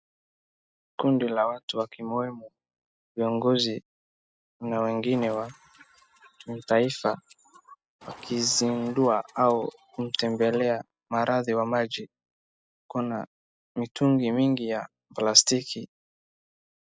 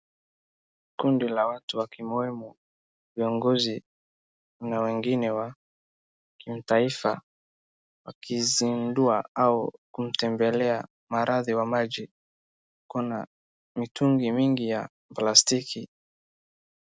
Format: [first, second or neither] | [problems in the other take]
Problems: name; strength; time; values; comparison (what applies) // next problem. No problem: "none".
second | noise reduction (classical method spectral subtraction)